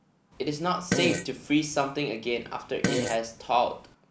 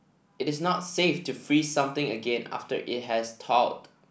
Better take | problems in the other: second | background sound (Fart); 5 dB below the speech

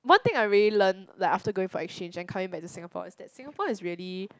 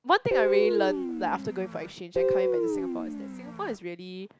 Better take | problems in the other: first | background sound (Guitar); 2 dB above the speech

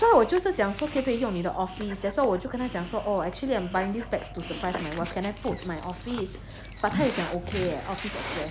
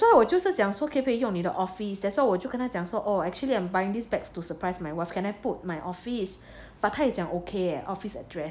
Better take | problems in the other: second | background sound (Dog); 10 dB below the speech

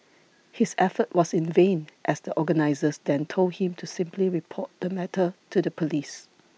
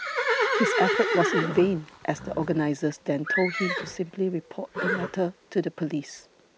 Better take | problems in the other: first | background sound (Livestock, farm animals, working animals); 2 dB below the speech

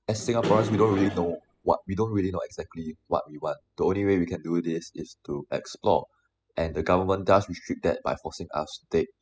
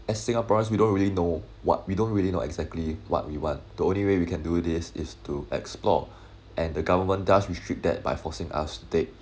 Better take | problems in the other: second | noise reduction (classical method spectral subtraction)

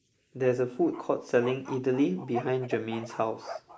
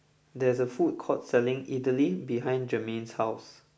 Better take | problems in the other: second | noise reduction (neural mask model Resemble Enhance denoiser)

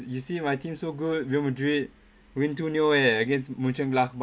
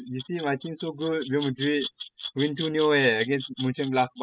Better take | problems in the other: first | noise reduction (classical method spectral subtraction)

